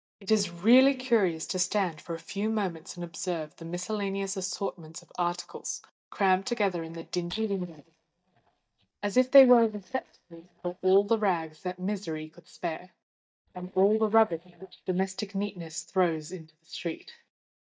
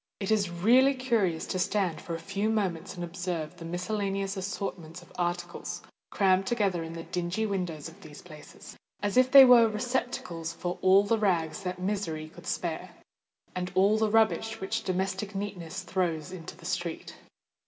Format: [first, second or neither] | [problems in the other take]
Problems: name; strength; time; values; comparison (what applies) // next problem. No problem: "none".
second | noise reduction (neural mask model DeepFilterNet 3)